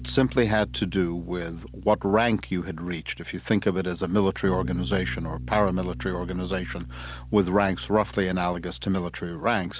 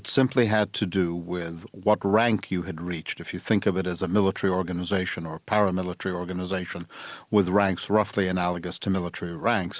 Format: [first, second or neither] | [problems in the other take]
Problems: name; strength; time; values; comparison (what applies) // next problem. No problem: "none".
second | background sound (Bass guitar); 12 dB below the speech